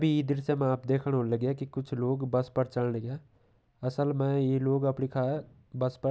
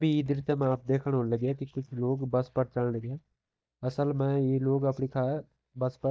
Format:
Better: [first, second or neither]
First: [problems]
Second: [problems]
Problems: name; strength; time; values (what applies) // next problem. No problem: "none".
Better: first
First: none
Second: noise reduction (neural mask model DeepFilterNet 3)